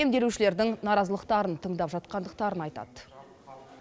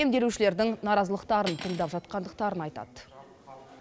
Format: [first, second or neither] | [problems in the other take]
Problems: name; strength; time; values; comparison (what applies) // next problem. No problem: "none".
first | background sound (Cutlery, silverware); 16 dB below the speech